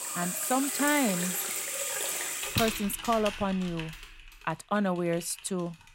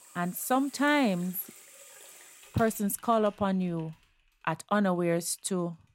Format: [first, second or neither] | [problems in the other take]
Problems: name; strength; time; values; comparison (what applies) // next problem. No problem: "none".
second | household noises; loud; throughout; 1 dB below the speech; faint in the second